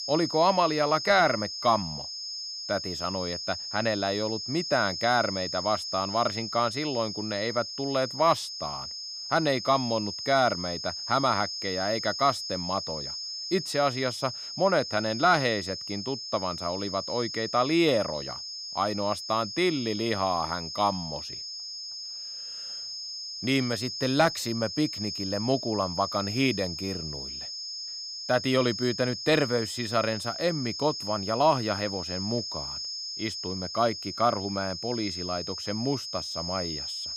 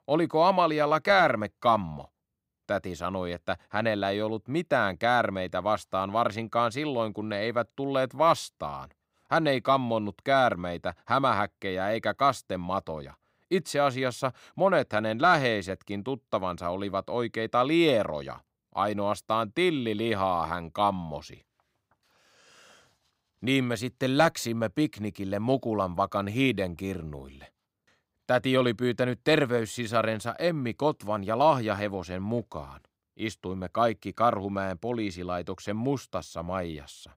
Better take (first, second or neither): second